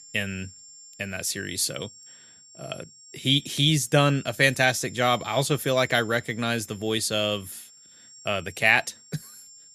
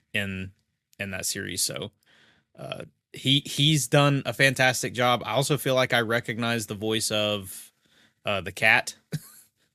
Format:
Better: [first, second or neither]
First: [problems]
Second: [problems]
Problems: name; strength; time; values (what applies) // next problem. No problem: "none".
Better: second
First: high-pitched whine; faint; throughout; 7.5 kHz, 20 dB below the speech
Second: none